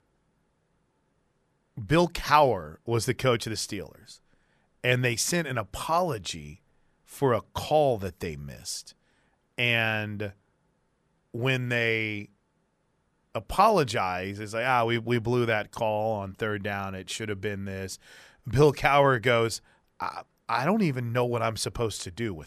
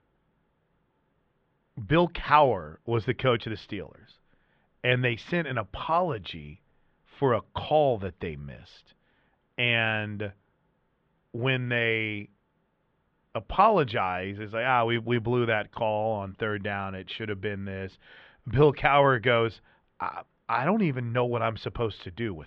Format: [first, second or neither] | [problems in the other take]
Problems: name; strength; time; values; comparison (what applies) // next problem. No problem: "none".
first | muffled; very; fading above 3.5 kHz